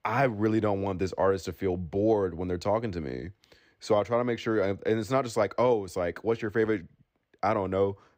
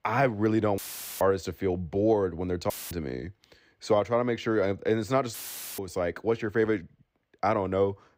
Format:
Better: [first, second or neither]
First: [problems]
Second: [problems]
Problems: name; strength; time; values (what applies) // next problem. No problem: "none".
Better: first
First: none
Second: audio cutting out; filled with static; at 1 s, at 2.5 s and at 5.5 s